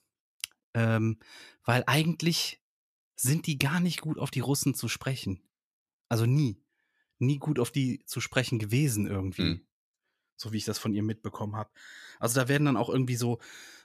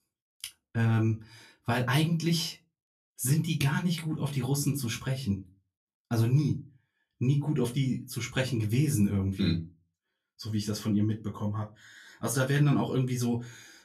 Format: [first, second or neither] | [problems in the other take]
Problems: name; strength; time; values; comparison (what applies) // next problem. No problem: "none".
first | off-mic speech; far // room echo; very slight; dies away in 0.2 s